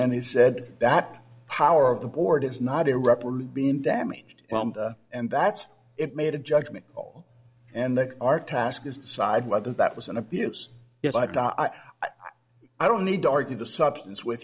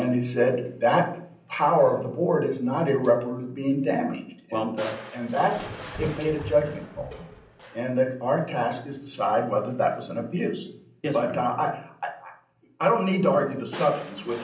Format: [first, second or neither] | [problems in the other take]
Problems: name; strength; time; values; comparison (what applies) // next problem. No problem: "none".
first | background sound (Crushing); 18 dB below the speech // room echo; dies away in 0.6 s